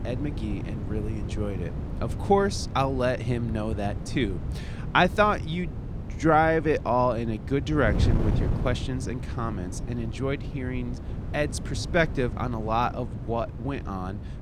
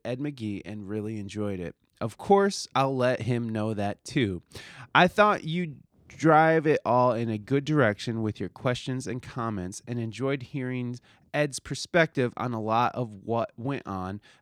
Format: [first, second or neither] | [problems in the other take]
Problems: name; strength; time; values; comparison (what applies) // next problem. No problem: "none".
second | wind noise on the microphone; occasional gusts; 15 dB below the speech